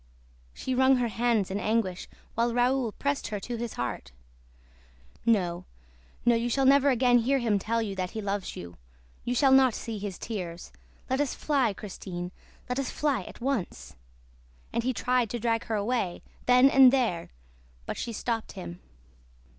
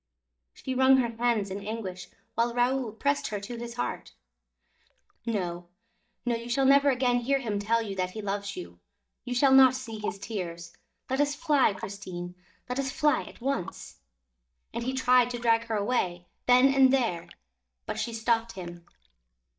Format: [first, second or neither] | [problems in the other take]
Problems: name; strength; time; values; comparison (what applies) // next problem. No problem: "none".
first | noise reduction (neural mask model DeepFilterNet 3)